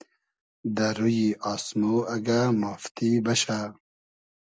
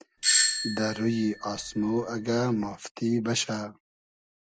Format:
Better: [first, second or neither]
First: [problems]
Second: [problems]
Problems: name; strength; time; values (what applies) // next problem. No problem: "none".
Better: first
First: none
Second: background sound (Doorbell); as loud as the speech